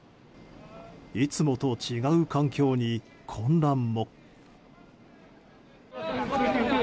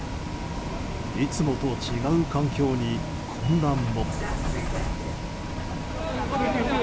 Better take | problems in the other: first | background sound (Bus); 2 dB below the speech

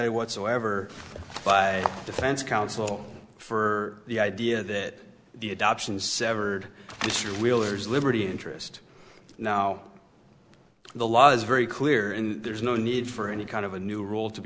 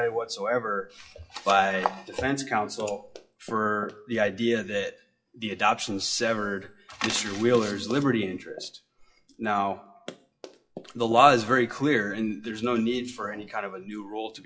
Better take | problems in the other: first | noise reduction (classical method WPE with log-MMSE)

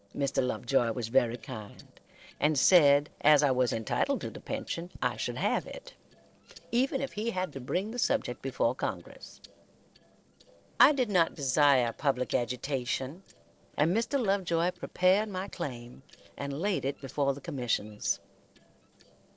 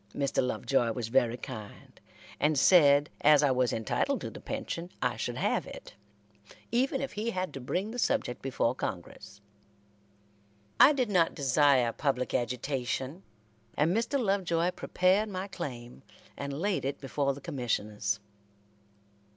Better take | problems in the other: second | noise reduction (neural separator model SepFormer DNS4)

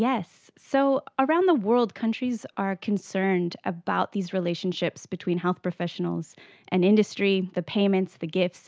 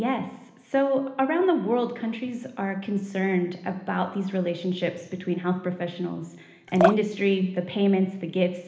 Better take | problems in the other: first | background sound (Drip); 3 dB below the speech // room echo; dies away in 1.1 s

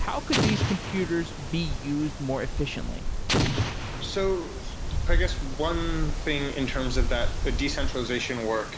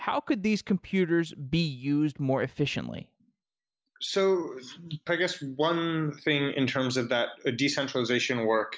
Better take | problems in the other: second | background sound (Wind + Explosion); 2 dB above the speech

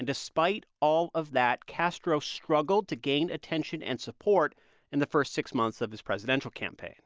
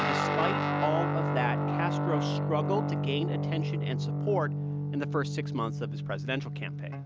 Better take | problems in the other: first | background sound (Guitar); 4 dB above the speech

